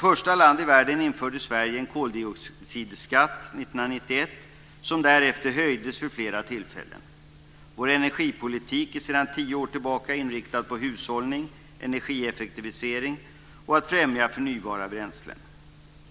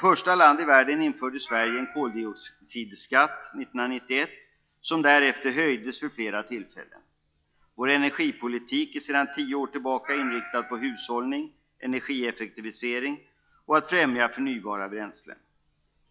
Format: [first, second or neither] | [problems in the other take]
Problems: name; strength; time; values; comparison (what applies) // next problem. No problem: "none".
first | noise reduction (classical method log-MMSE)